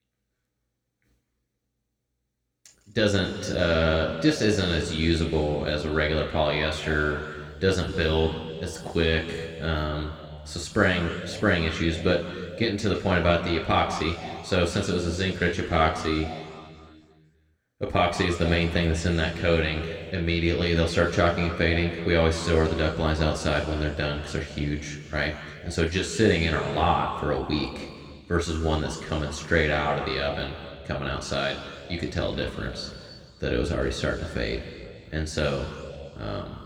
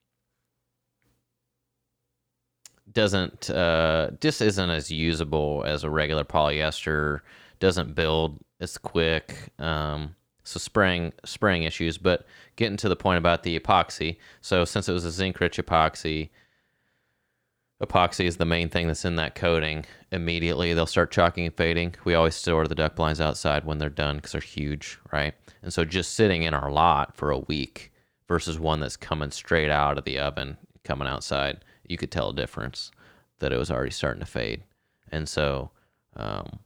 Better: second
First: room echo; slight; dies away in 2.1 s // off-mic speech; somewhat distant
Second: none

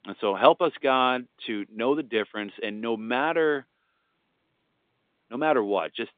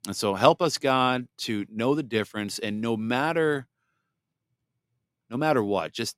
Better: second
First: phone-call audio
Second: none

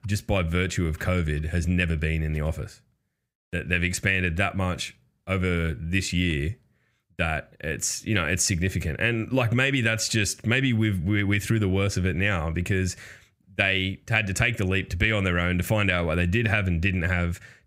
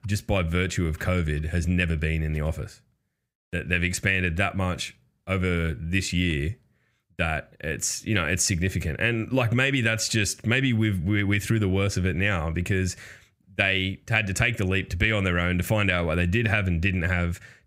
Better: neither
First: none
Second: none

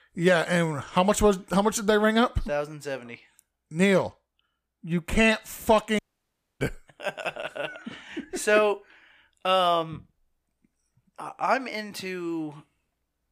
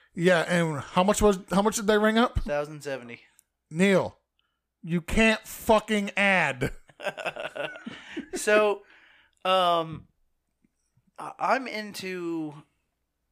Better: second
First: audio cutting out; at 6 s for 0.5 s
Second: none

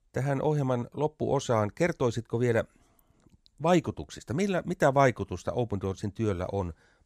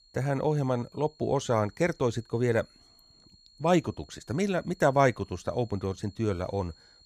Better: first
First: none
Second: high-pitched whine; faint; throughout; 4.5 kHz, 30 dB below the speech

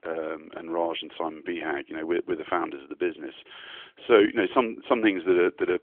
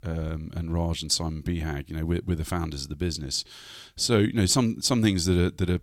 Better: second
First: phone-call audio; nothing above 3.5 kHz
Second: none

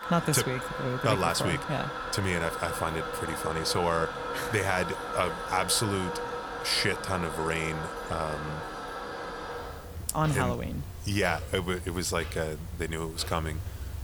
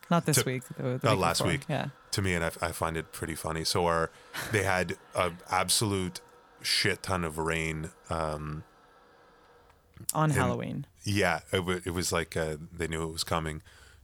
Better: second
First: household noises; loud; throughout; 6 dB below the speech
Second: household noises; faint; throughout; 30 dB below the speech

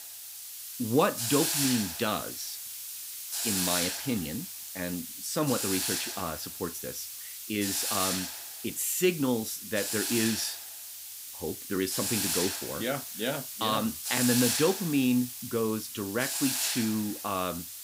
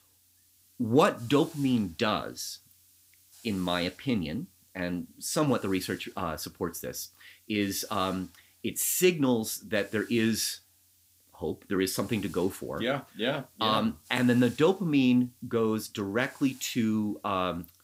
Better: second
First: hiss; loud; throughout; 1 dB below the speech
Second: hiss; faint; throughout; 25 dB below the speech

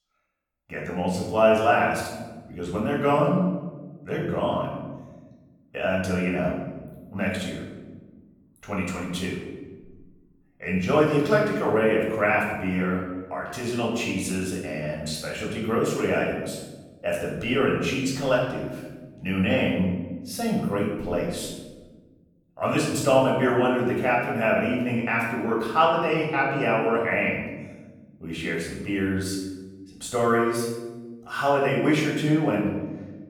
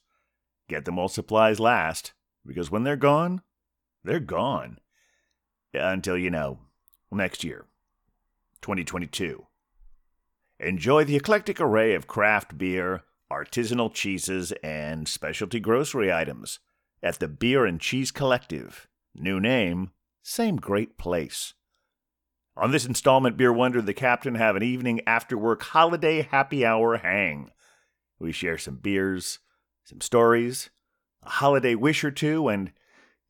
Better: second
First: off-mic speech; far // room echo; noticeable; dies away in 1.2 s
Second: none

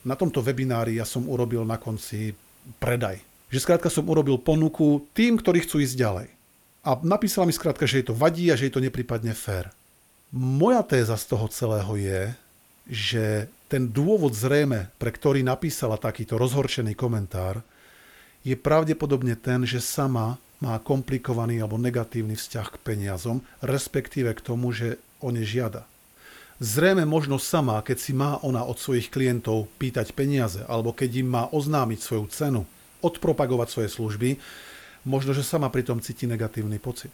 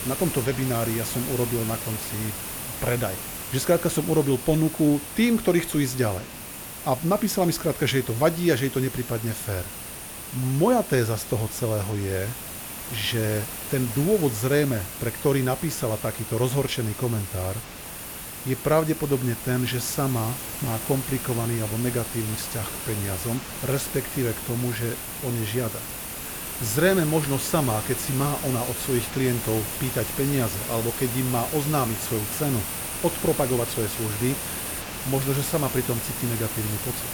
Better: first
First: hiss; faint; throughout; 30 dB below the speech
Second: hiss; loud; throughout; 5 dB below the speech

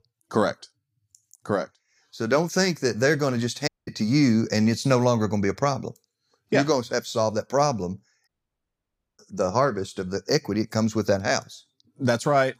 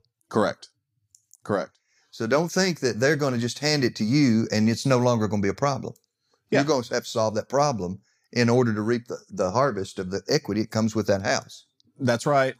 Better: second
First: audio cutting out; at 3.5 s and at 8.5 s for 1 s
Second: none

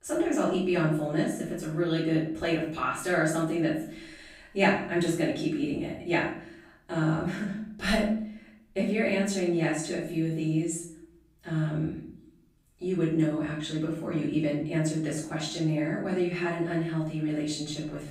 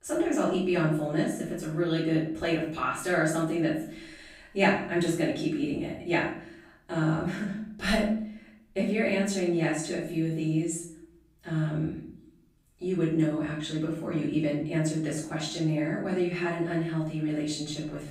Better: neither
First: room echo; noticeable; dies away in 0.5 s // off-mic speech; far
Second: room echo; noticeable; dies away in 0.5 s // off-mic speech; far

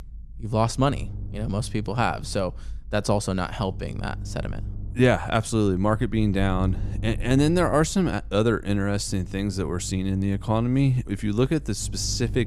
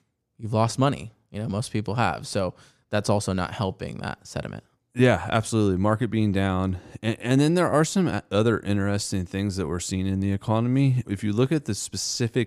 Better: second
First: low rumble; faint; throughout; 25 dB below the speech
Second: none

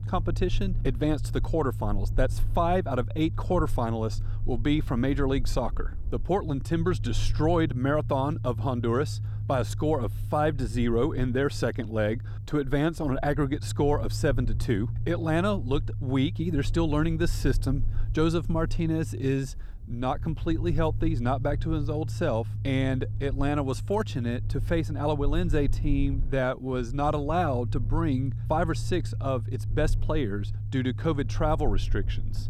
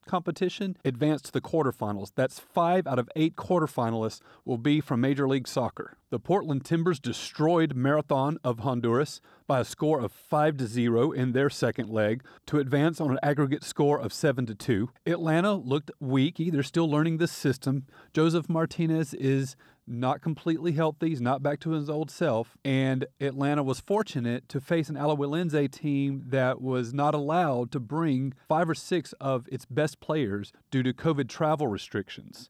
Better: second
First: low rumble; noticeable; throughout; 20 dB below the speech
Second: none

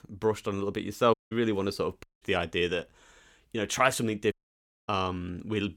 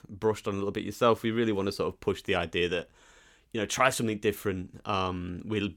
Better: second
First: audio cutting out; at 1 s, at 2 s and at 4.5 s for 0.5 s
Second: none

